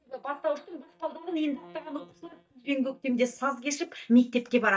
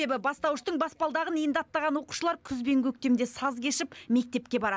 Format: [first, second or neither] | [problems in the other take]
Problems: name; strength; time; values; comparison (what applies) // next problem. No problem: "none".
second | noise reduction (neural mask model DeepFilterNet 3)